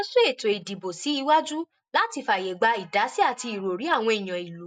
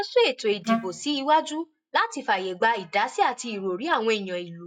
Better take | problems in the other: first | noise reduction (classical method log-MMSE)

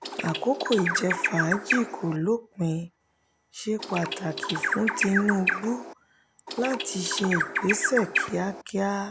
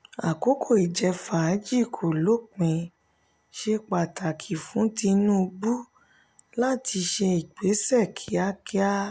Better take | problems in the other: second | background sound (Bird); 1 dB below the speech

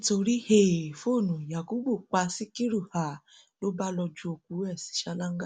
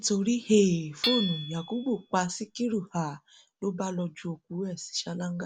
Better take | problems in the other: first | background sound (Hammer / Chink, clink); 9 dB below the speech

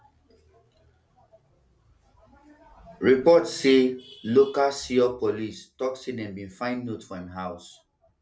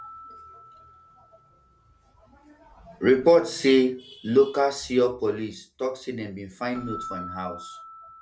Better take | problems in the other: first | background sound (Keyboard (musical)); 19 dB below the speech

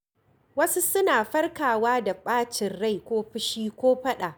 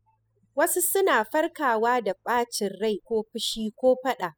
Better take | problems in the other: first | noise reduction (classical method spectral subtraction)

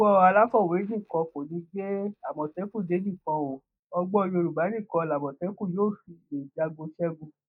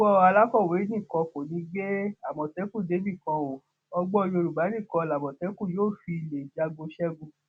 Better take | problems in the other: second | noise reduction (neural mask model DeepFilterNet 3)

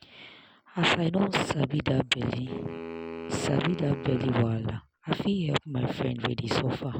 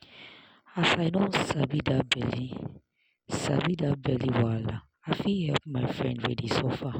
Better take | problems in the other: second | background sound (Wind instrument, woodwind instrument); 12 dB below the speech

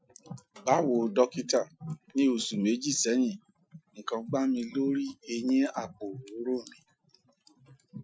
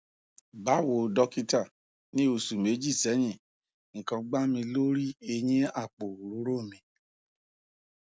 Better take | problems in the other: second | noise reduction (classical method Wiener filter)

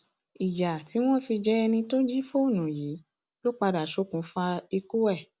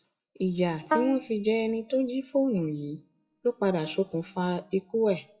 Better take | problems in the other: first | noise reduction (classical method WPE with log-MMSE)

